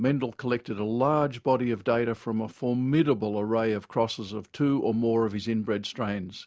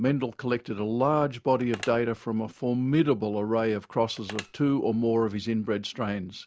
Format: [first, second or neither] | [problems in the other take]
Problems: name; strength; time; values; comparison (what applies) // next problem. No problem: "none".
first | background sound (Telephone); 19 dB below the speech